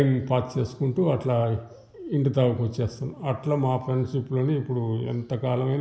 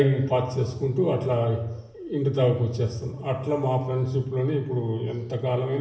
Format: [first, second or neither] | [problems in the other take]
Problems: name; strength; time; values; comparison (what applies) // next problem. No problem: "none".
first | room echo; dies away in 0.8 s